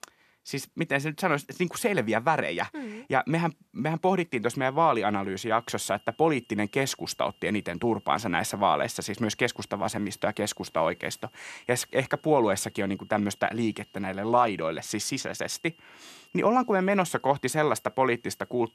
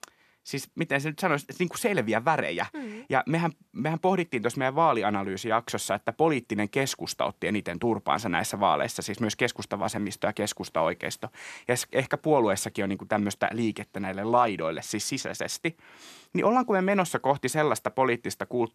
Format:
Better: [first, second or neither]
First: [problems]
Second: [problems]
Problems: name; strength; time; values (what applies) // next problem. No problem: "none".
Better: second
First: high-pitched whine; faint; from 4.5 s on; 3 kHz, 30 dB below the speech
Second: none